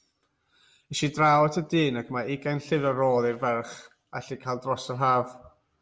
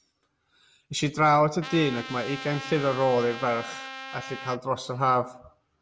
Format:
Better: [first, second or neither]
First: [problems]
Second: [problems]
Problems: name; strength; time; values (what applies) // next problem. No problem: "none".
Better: first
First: none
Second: background sound (Trumpet); 12 dB below the speech